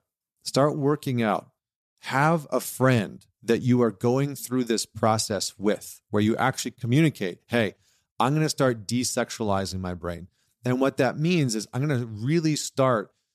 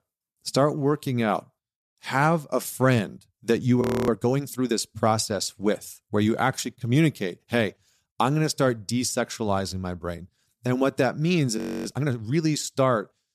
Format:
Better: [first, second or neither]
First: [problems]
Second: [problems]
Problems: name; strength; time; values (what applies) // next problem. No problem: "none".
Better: first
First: none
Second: audio freezing; at 4 s and at 12 s